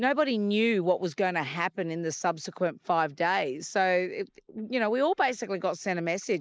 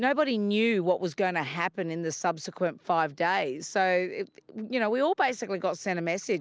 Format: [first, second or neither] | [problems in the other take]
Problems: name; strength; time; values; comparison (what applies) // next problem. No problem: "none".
second | noise reduction (neural mask model Resemble Enhance denoiser)